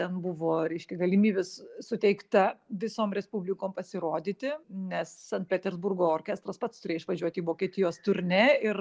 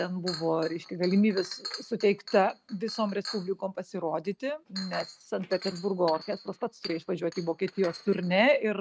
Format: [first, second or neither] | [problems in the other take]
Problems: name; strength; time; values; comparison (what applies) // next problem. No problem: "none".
first | noise reduction (neural mask model RNNoise)